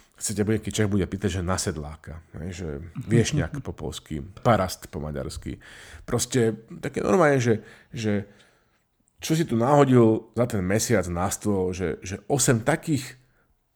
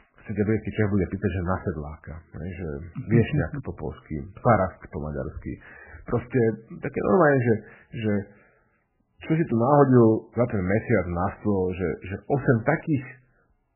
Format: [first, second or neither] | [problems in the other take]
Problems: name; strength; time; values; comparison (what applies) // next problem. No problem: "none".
first | garbled, watery; badly; nothing above 3 kHz